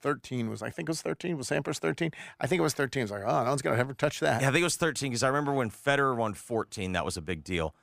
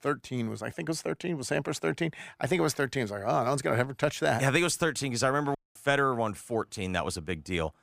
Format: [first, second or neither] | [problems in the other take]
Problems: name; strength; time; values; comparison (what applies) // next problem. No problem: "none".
first | audio cutting out; at 5.5 s